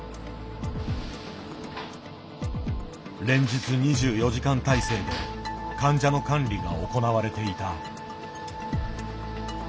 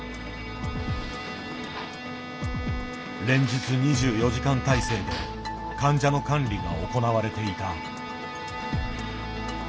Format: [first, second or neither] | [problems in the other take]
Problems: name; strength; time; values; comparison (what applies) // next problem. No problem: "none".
first | background sound (Bowed string instrument); 11 dB below the speech